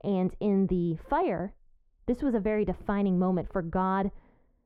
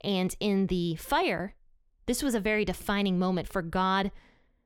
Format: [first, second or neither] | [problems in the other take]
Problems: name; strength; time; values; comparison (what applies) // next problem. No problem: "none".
second | muffled; very; fading above 2.5 kHz